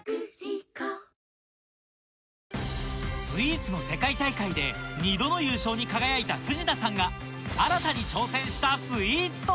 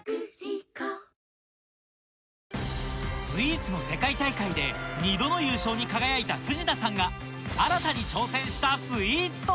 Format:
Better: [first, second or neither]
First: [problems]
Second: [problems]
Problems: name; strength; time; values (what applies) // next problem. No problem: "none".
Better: first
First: none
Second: background sound (Motorcycle); 12 dB below the speech